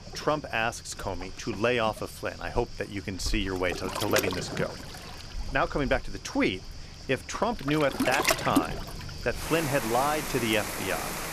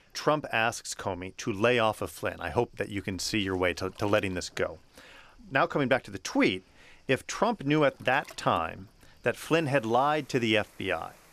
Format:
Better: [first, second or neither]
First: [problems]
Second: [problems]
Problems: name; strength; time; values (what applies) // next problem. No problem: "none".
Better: second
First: rain or running water; loud; throughout; 4 dB below the speech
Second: rain or running water; faint; throughout; 25 dB below the speech